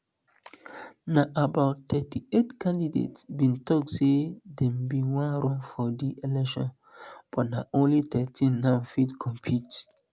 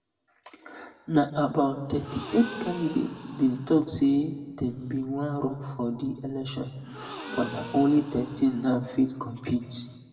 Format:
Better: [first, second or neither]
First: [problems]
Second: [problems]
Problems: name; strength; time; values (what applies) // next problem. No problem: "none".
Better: first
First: none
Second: background sound (Gasp); 16 dB below the speech // room echo; dies away in 1.3 s